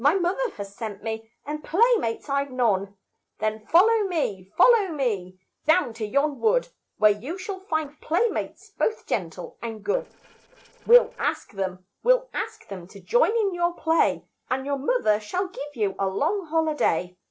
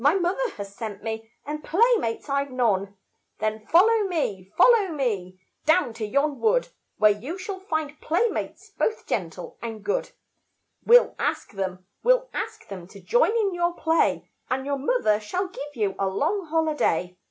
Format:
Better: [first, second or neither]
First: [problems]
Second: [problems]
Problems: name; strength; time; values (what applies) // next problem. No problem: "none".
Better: second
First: noise reduction (neural separator model SepFormer DNS4)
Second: none